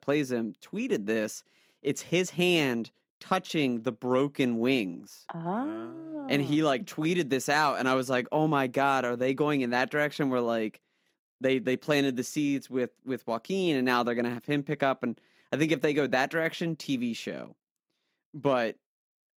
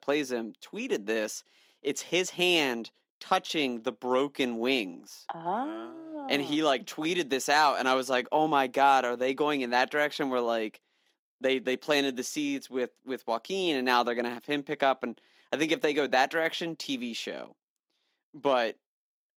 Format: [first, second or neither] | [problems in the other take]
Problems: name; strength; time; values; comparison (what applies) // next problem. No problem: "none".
first | thin; very slightly; fading below 300 Hz